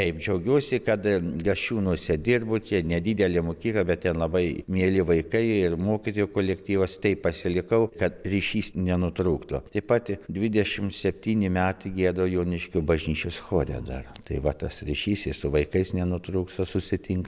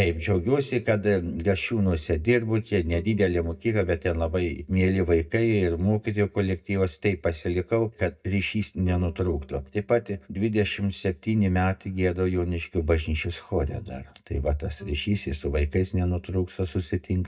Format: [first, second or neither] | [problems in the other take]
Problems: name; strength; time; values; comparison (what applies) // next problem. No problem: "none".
first | noise reduction (neural mask model DeepFilterNet 3)